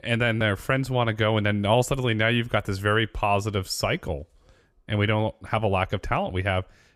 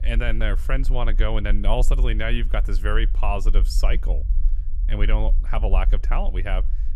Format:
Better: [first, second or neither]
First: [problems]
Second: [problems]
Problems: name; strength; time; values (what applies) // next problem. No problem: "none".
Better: first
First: none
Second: low rumble; noticeable; throughout; 20 dB below the speech